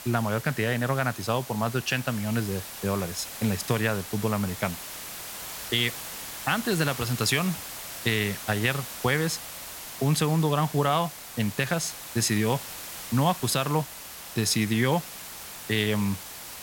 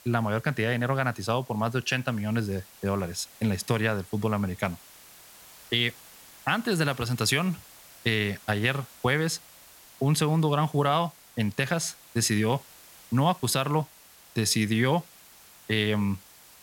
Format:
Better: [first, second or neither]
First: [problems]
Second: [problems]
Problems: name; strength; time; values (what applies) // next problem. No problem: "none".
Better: second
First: hiss; loud; throughout; 10 dB below the speech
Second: hiss; faint; throughout; 20 dB below the speech